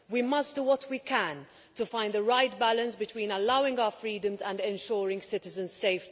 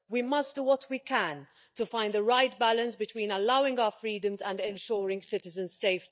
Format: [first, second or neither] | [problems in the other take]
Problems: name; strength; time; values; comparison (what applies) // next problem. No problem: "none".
first | noise reduction (neural mask model DeepFilterNet 3)